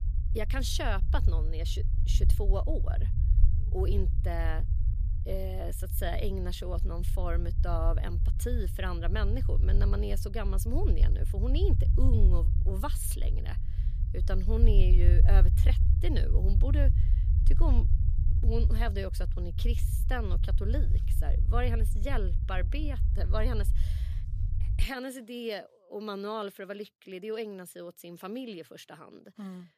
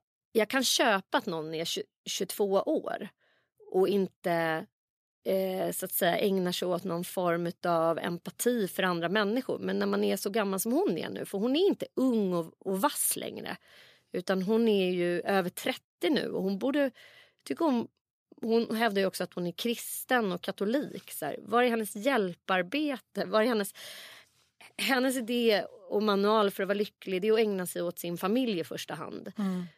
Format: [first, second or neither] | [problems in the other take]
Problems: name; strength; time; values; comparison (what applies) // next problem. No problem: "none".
second | low rumble; loud; until 25 s; 9 dB below the speech